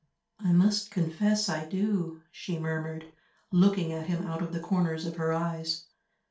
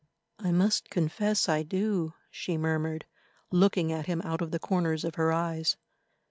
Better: second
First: room echo; dies away in 0.3 s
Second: none

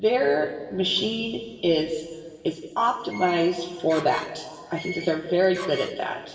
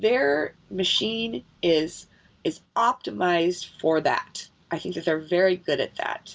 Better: second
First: background sound (Door); 14 dB below the speech // room echo; dies away in 1.7 s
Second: none

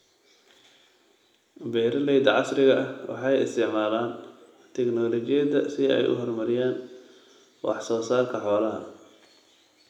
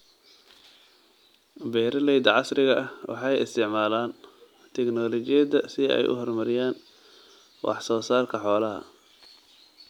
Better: second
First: room echo; dies away in 0.7 s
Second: none

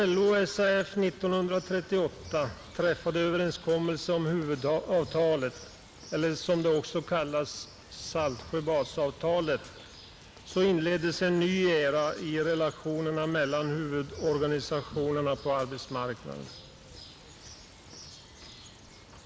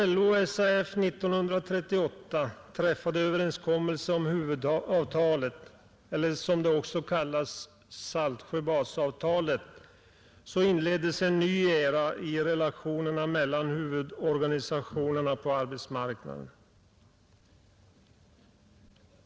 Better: second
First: background sound (Bird); 19 dB below the speech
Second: none

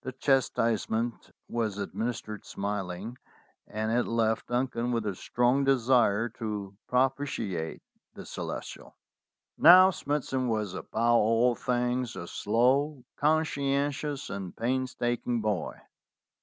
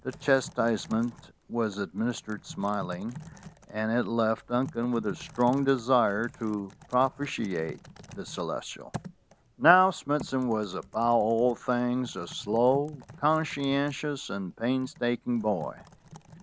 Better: first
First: none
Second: background sound (Typing); 19 dB below the speech

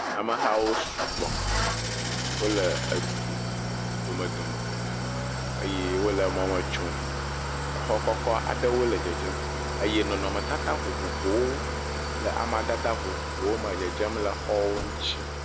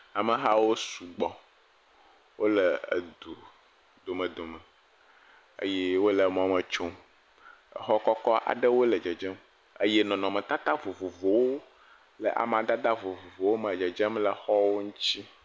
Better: second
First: background sound (Idling / Engine starting); as loud as the speech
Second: none

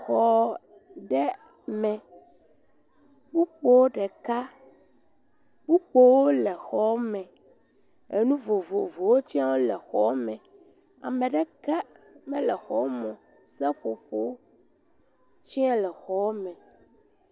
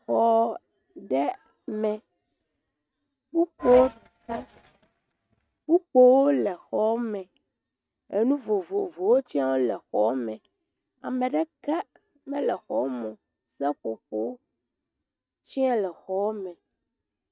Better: first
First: none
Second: noise reduction (neural mask model RNNoise)

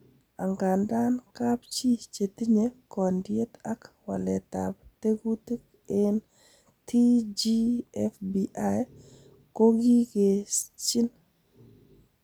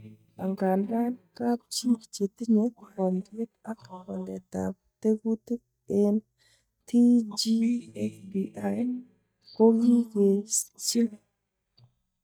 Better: first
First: none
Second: noise reduction (neural mask model DeepFilterNet 3)

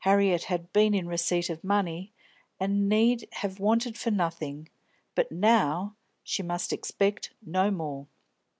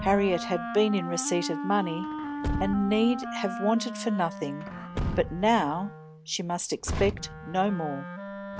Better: first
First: none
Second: background sound (Wind instrument, woodwind instrument + Truck); 6 dB below the speech

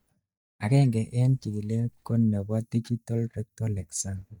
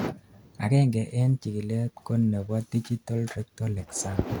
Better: second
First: noise reduction (neural mask model DeepFilterNet 3)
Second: none

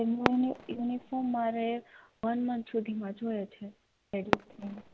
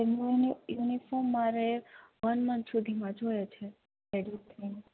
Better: second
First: background sound (Fireworks); 6 dB below the speech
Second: none

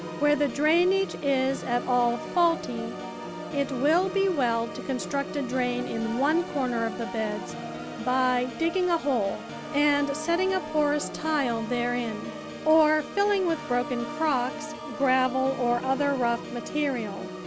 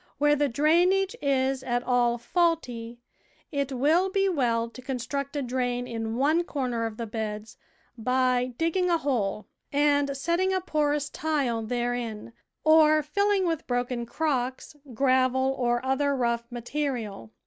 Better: second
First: background sound (Organ); 9 dB below the speech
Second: none

